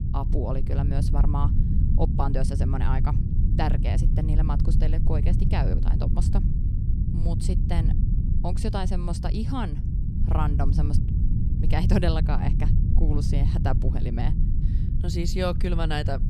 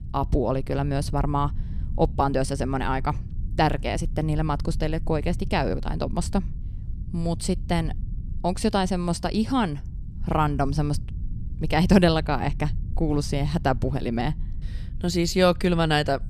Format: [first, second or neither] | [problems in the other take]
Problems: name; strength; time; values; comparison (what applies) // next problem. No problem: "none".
second | low rumble; loud; throughout; 6 dB below the speech; faint in the second